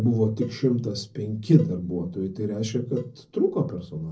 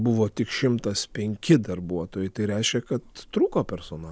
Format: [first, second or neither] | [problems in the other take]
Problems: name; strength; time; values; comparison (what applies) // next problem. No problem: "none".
second | noise reduction (neural separator model SepFormer DNS4)